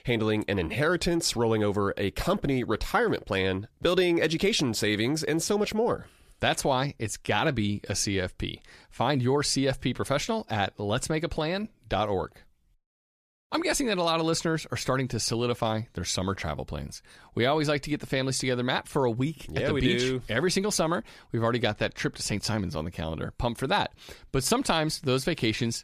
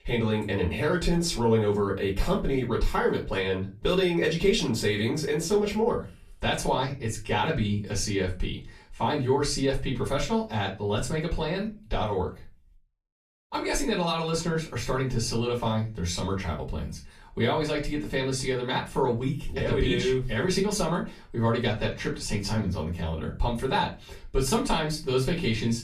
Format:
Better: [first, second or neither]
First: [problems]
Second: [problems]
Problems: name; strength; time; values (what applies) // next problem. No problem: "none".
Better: first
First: none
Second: off-mic speech; far // room echo; very slight; dies away in 0.3 s